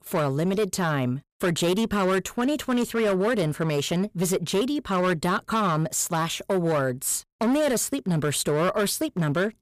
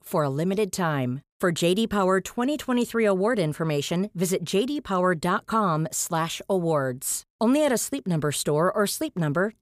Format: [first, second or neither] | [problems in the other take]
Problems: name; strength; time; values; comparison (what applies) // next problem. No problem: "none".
second | distortion; slight; 14% of the sound clipped